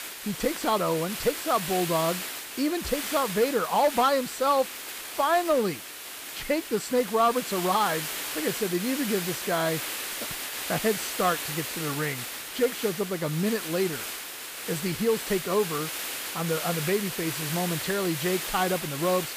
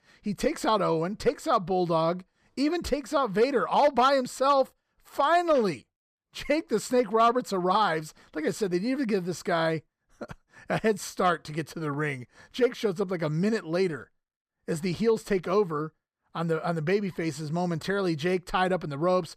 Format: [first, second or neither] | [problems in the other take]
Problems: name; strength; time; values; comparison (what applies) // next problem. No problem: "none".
second | hiss; loud; throughout; 5 dB below the speech